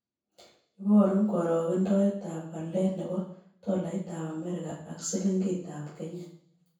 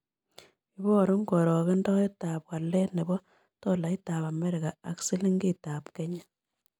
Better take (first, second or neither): second